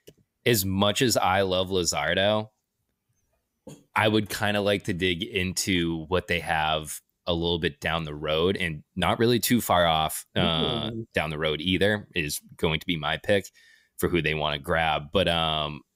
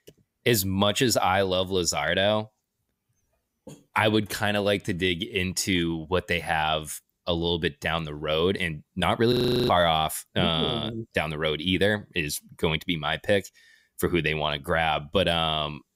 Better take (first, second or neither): first